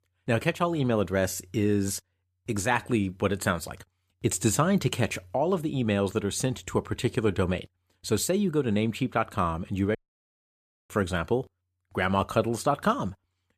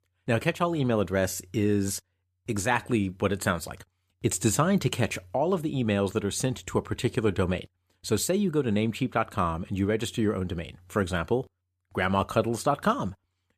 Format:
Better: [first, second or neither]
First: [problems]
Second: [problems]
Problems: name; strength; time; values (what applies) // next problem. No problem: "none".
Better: second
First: audio cutting out; at 10 s for 1 s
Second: none